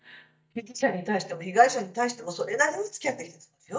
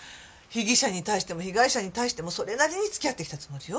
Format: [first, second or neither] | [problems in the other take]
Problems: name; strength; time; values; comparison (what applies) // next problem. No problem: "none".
second | noise reduction (neural mask model DeepFilterNet 3)